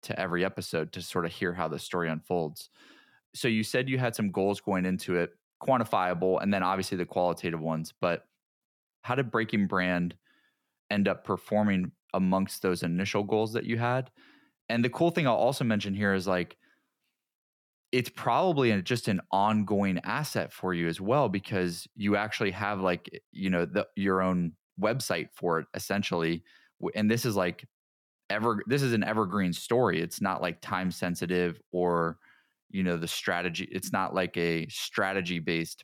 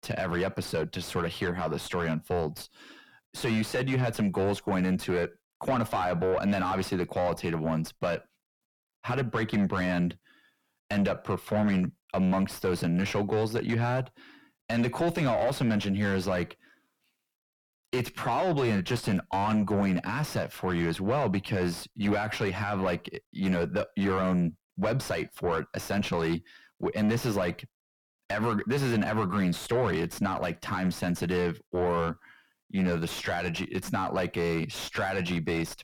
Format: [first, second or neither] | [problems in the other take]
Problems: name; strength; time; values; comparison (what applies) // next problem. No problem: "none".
first | distortion; heavy; 6 dB below the speech